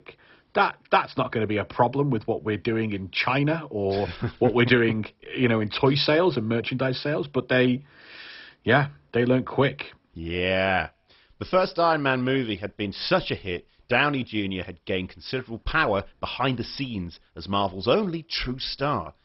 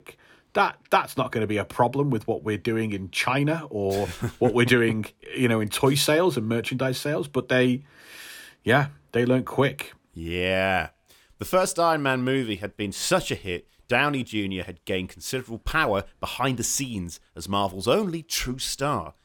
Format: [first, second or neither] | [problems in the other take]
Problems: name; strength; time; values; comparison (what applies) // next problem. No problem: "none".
second | garbled, watery; badly; nothing above 5.5 kHz